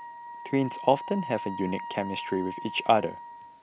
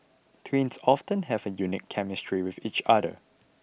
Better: second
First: background sound (Wind instrument, woodwind instrument); 10 dB below the speech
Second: none

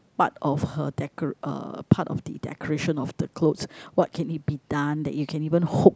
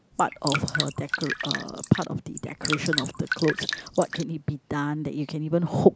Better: first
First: none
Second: background sound (Drip); 5 dB below the speech

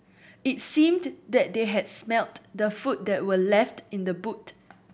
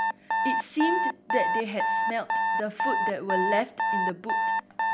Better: first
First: none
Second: background sound (Alarm); 4 dB above the speech

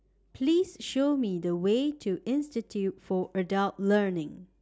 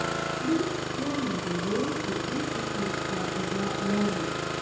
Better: first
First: none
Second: background sound (Engine starting); 1 dB above the speech // room echo; dies away in 2.2 s

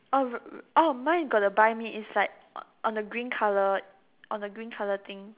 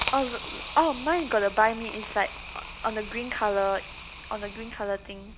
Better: first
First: none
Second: background sound (Hiss); 11 dB below the speech

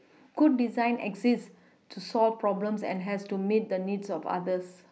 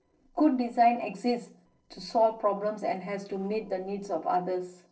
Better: first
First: none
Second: noise reduction (neural separator model SepFormer DNS4)

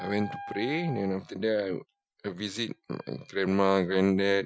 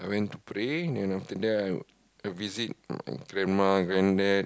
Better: second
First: noise reduction (classical method Wiener filter)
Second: none

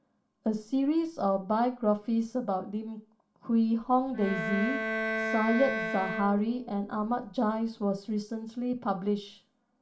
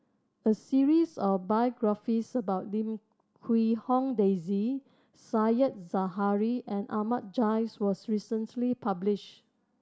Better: second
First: background sound (Bowed string instrument); 4 dB below the speech // room echo; dies away in 0.3 s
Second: none

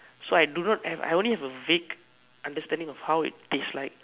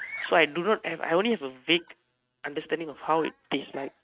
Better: first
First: none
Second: noise reduction (neural mask model RNNoise)

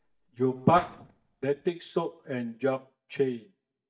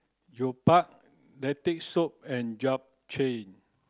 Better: second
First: noise reduction (neural mask model DeepFilterNet 3)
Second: none

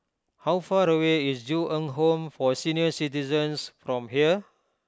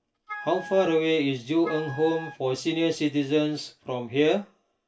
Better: first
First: none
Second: background sound (Wind instrument, woodwind instrument); 15 dB below the speech // room echo; dies away in 0.2 s

